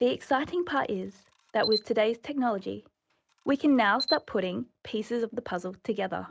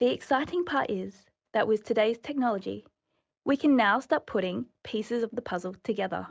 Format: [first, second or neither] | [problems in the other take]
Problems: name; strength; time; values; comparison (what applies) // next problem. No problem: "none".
second | background sound (Camera); 10 dB below the speech